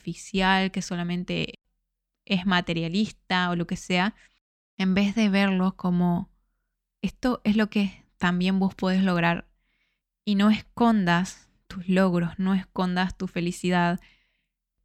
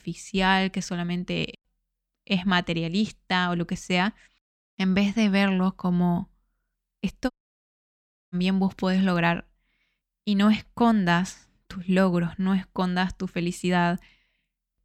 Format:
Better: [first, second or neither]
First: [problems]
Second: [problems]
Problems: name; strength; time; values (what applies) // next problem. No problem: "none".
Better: first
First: none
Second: audio cutting out; at 7.5 s for 1 s